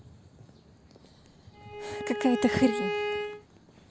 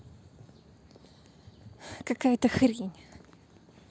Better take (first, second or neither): second